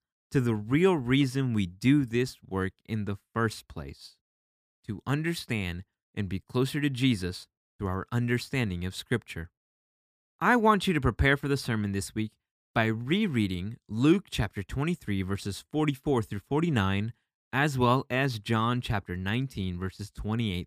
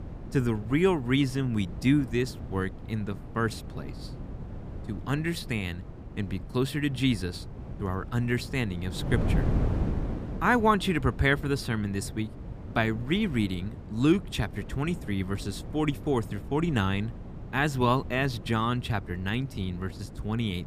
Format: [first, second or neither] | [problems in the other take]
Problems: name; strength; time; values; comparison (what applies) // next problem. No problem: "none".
first | wind noise on the microphone; occasional gusts; 15 dB below the speech